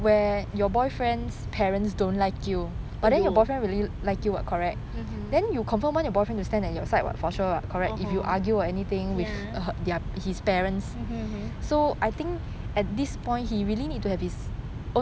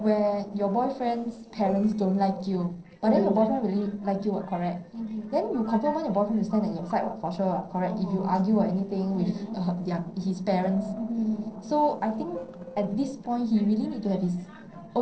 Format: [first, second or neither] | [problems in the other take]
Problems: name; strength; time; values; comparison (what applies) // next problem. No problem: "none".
first | noise reduction (neural separator model SepFormer DNS4)